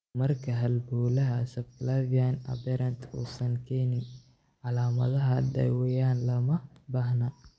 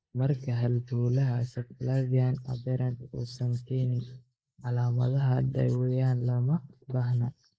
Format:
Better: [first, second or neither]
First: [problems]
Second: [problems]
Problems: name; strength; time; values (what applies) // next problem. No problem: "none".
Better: first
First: none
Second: noise reduction (neural mask model Resemble Enhance denoiser)